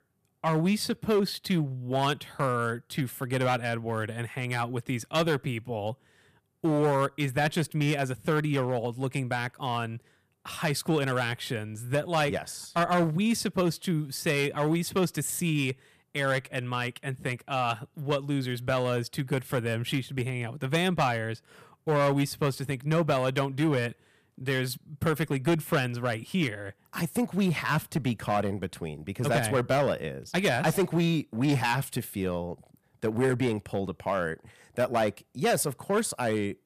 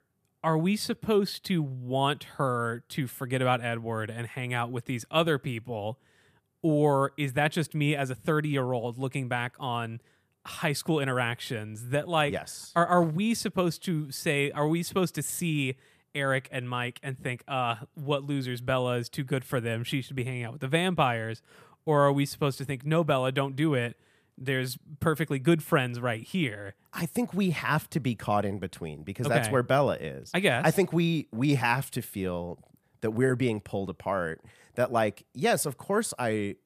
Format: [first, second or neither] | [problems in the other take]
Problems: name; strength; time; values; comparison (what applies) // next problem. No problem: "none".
second | distortion; slight; 4% of the sound clipped